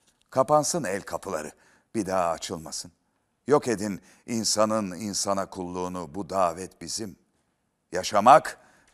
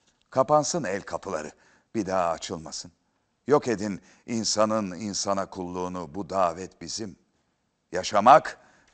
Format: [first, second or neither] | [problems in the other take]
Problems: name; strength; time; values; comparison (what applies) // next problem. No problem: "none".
first | garbled, watery; slightly; nothing above 7.5 kHz